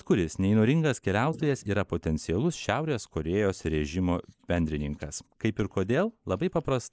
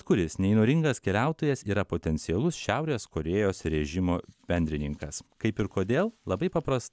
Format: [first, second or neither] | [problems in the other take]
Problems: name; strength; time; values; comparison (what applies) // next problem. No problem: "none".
second | noise reduction (neural mask model Resemble Enhance denoiser)